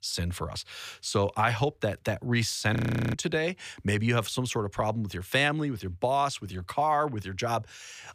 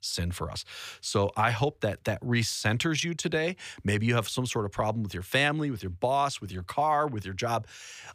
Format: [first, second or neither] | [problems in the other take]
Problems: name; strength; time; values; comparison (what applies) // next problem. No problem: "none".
second | audio freezing; at 3 s